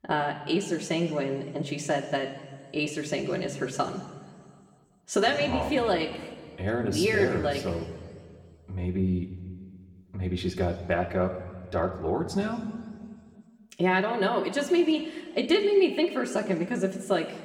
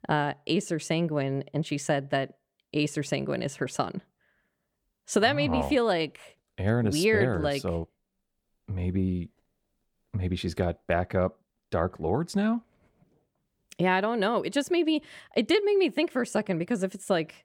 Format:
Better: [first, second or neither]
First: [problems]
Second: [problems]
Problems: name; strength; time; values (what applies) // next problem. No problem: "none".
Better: second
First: room echo; slight; dies away in 1.8 s // off-mic speech; somewhat distant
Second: none